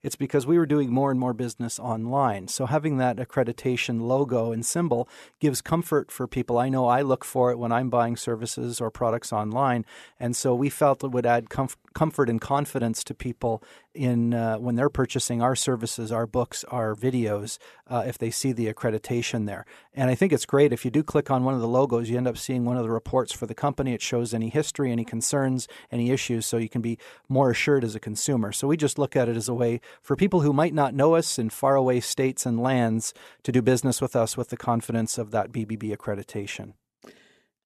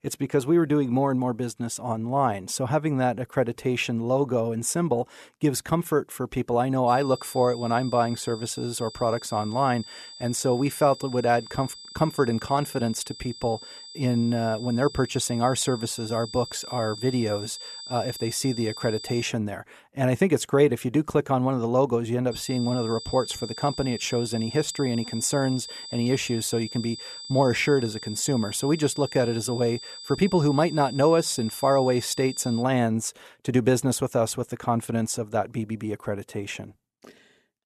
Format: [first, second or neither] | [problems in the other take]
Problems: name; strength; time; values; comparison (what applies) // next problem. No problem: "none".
first | high-pitched whine; noticeable; from 7 to 19 s and from 22 to 33 s; 4.5 kHz, 15 dB below the speech